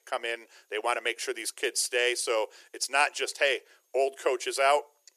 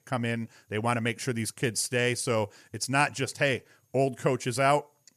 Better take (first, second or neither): second